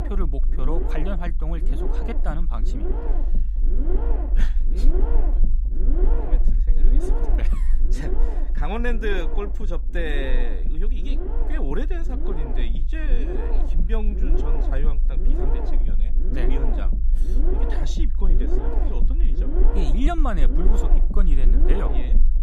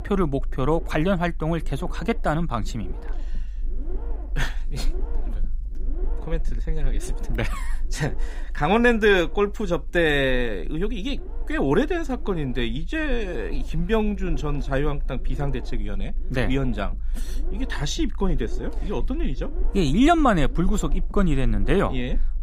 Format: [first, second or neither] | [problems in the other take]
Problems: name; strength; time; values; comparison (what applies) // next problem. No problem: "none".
second | low rumble; loud; throughout; 3 dB below the speech; faint in the second